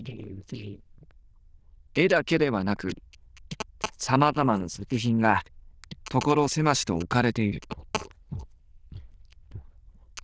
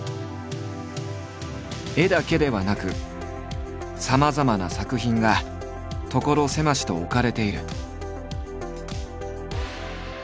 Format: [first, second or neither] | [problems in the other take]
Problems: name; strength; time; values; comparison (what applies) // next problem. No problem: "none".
second | noise reduction (neural diffusion model UNIVERSE++)